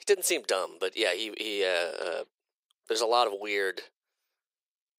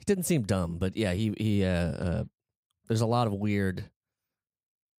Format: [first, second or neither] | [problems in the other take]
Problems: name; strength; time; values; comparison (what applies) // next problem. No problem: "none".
second | thin; very; fading below 400 Hz